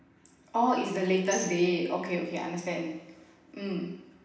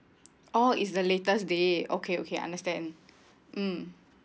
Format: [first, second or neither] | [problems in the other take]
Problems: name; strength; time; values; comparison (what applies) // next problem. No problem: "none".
second | background sound (Tambourine); 13 dB below the speech // room echo; dies away in 0.9 s